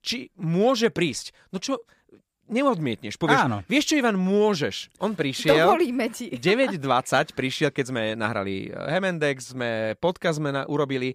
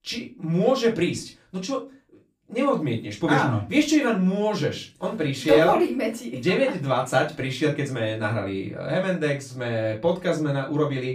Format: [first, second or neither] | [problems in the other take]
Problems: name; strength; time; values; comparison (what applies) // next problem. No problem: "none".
first | off-mic speech; far // room echo; very slight; dies away in 0.2 s